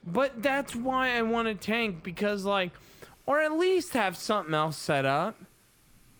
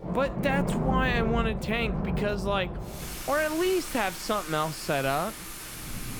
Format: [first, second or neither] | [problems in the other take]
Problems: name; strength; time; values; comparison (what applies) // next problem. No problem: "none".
first | rain or running water; loud; throughout; 4 dB below the speech; faint in the first